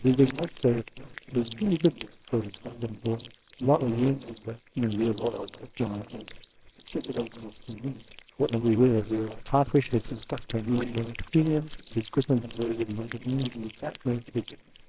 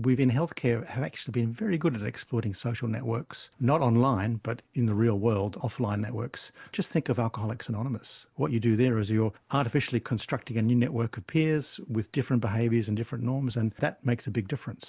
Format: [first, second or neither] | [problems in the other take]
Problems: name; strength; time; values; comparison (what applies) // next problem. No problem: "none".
second | noise reduction (neural separator model SepFormer WHAMR!)